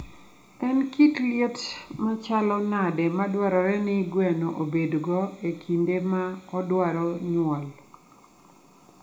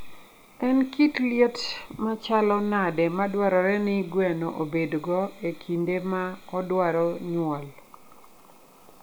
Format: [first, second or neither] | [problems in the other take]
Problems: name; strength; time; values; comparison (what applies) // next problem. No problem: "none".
second | room echo; dies away in 0.4 s